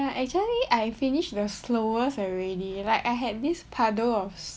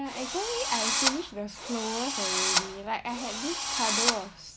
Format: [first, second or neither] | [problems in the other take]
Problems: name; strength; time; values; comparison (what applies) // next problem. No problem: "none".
first | background sound (Drill); 3 dB above the speech